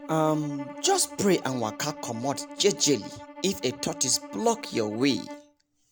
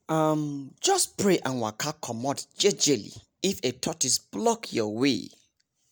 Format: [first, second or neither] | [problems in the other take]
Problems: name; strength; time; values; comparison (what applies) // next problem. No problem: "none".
second | background sound (Bowed string instrument); 14 dB below the speech